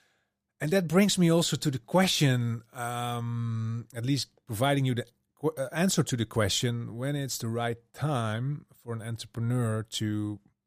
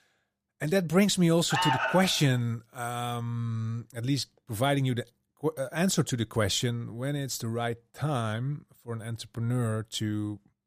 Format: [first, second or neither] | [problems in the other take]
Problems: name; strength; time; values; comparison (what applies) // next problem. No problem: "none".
first | alarm; loud; at 1.5 s; peak 3 dB above the speech